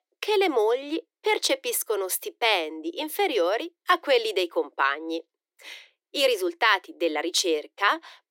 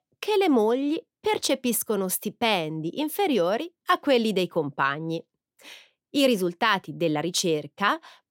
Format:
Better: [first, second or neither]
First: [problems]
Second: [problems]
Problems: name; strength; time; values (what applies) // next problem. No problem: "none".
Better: second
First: thin; very; fading below 300 Hz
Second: none